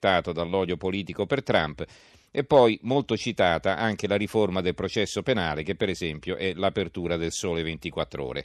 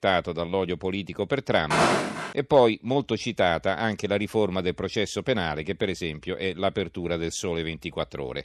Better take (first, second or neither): first